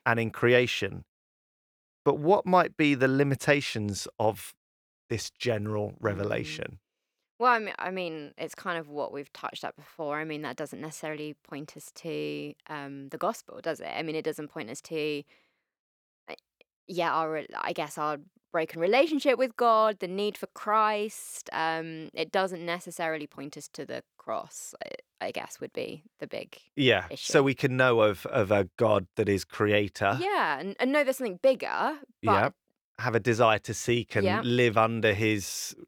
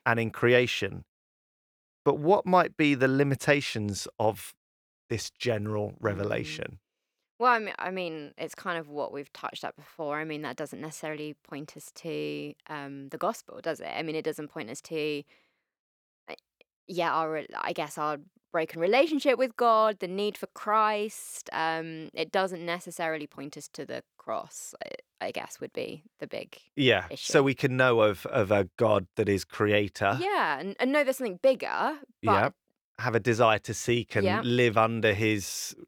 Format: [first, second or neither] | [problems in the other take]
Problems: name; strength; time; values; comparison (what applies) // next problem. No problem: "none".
neither | none